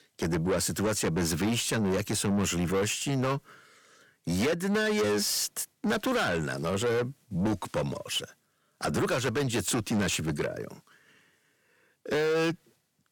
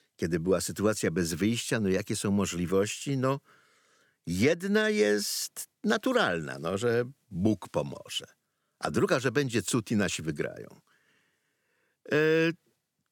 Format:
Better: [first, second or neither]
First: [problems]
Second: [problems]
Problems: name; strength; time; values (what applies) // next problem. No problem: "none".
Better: second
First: distortion; heavy; 6 dB below the speech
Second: none